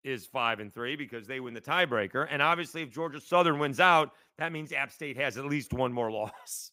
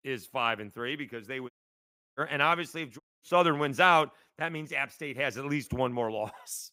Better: first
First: none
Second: audio cutting out; at 1.5 s for 0.5 s and at 3 s

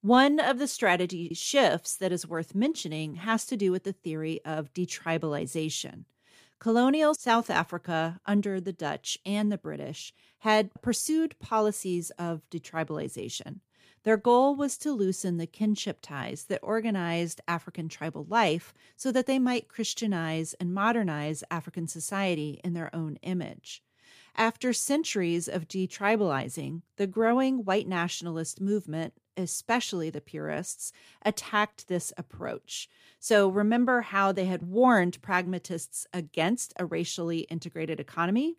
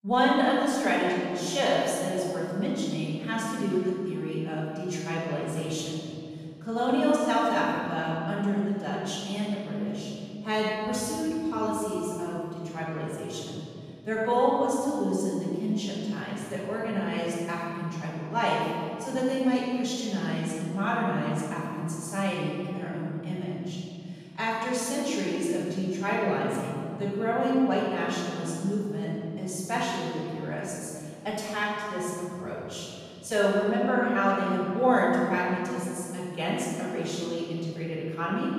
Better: first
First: none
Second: off-mic speech; far // room echo; strong; dies away in 2.6 s

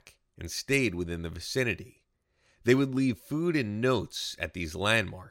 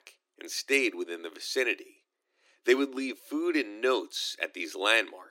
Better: first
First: none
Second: thin; somewhat; fading below 300 Hz

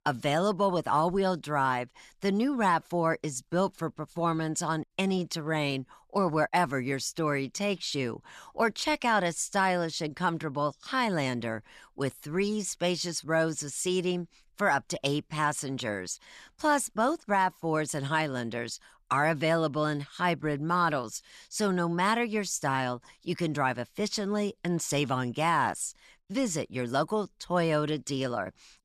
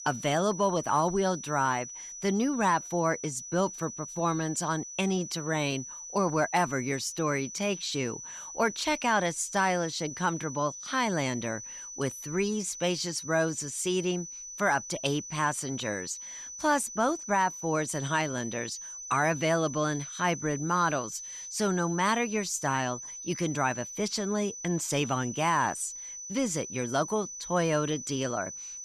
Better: first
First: none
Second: high-pitched whine; loud; throughout; 6 kHz, 9 dB below the speech

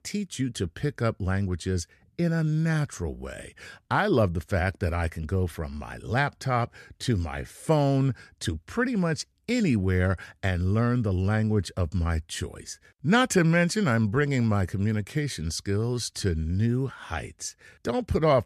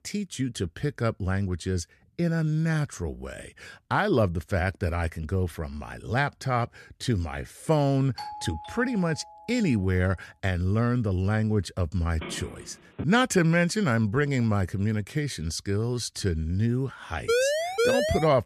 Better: first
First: none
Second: doorbell; faint; from 8 to 9.5 s; peak 10 dB below the speech // phone ringing; faint; at 12 s; peak 10 dB below the speech // siren; loud; at 17 s; peak 3 dB above the speech

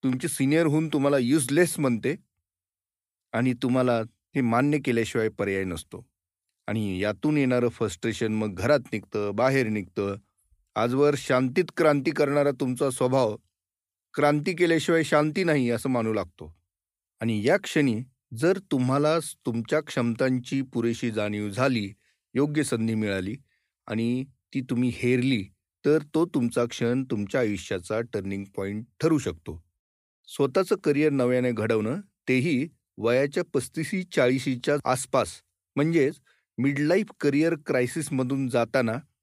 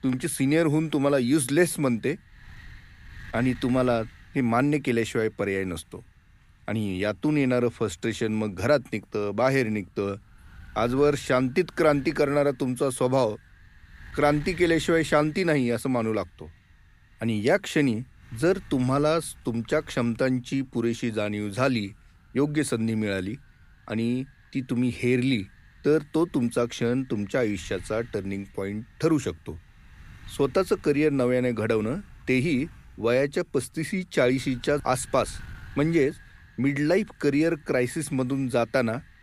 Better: first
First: none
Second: wind noise on the microphone; occasional gusts; 25 dB below the speech

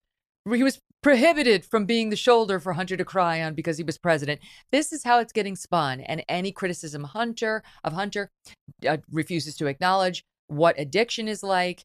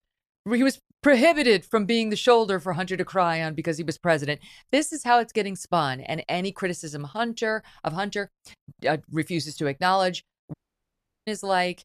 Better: first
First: none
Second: audio cutting out; at 11 s for 0.5 s

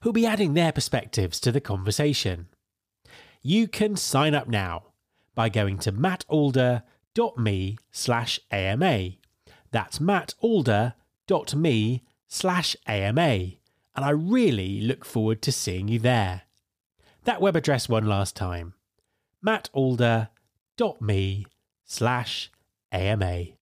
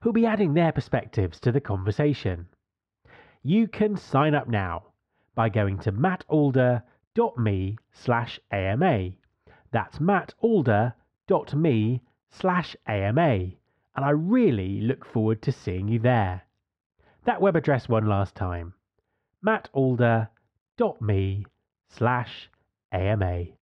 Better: first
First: none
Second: muffled; very; fading above 1.5 kHz

